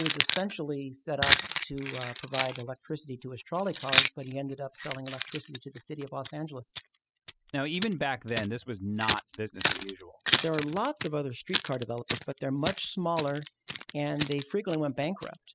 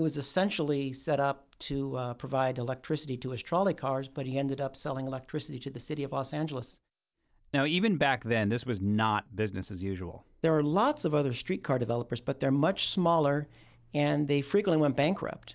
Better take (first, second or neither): second